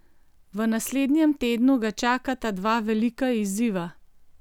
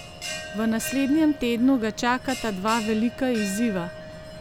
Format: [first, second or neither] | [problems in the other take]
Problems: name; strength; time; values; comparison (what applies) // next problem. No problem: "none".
first | background sound (Bell); 12 dB below the speech